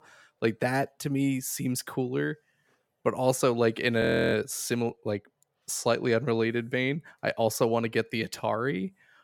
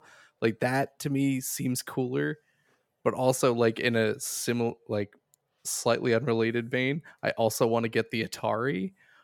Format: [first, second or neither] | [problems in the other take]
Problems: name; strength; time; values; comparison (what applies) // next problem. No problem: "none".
second | audio freezing; at 4 s